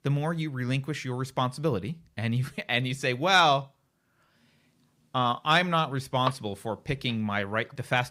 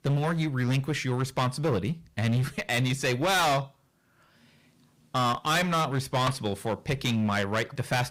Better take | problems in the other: first | distortion; heavy; 17% of the sound clipped

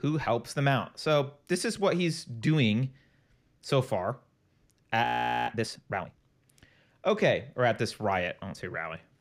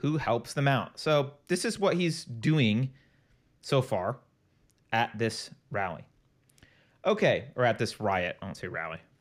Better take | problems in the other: second | audio freezing; at 5 s

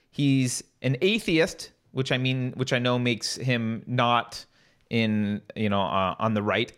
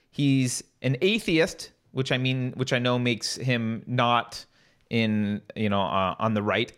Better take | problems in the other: neither | none

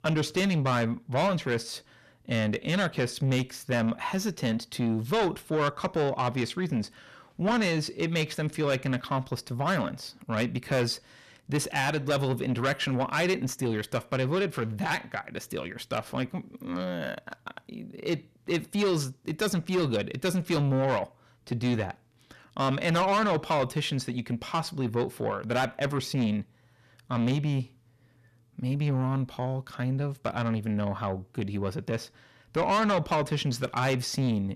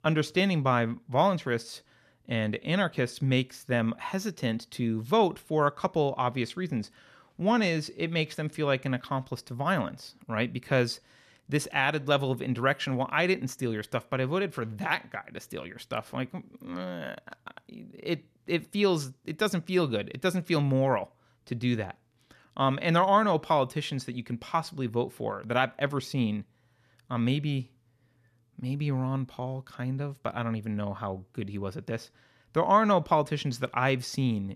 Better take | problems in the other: second | distortion; heavy; 8 dB below the speech

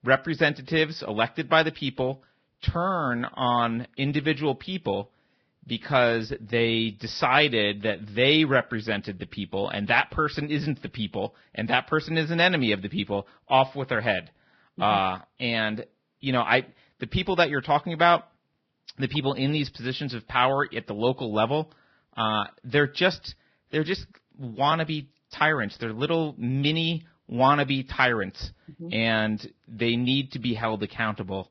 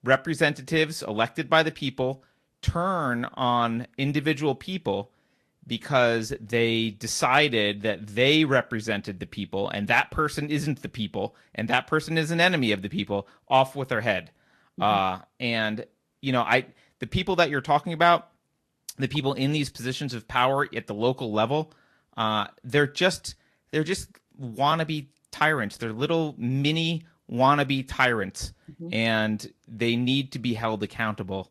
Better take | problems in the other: second | garbled, watery; badly; nothing above 5.5 kHz; slightly in the second

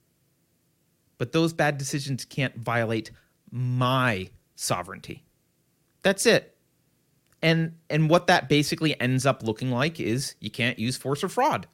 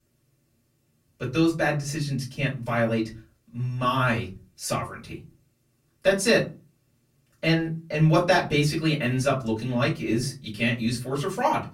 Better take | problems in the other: first | off-mic speech; far // room echo; very slight; dies away in 0.3 s

